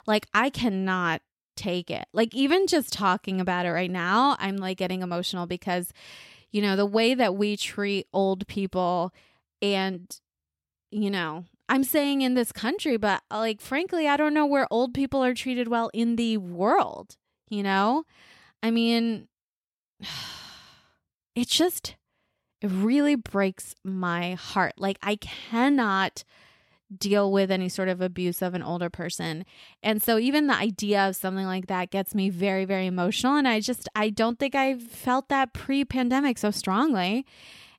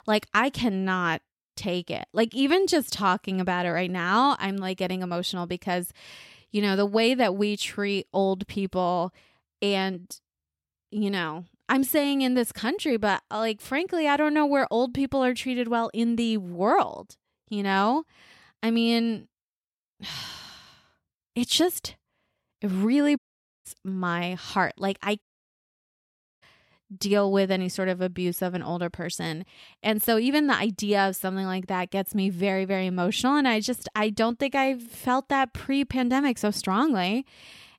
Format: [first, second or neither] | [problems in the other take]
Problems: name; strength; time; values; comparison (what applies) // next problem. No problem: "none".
first | audio cutting out; at 23 s and at 25 s for 1 s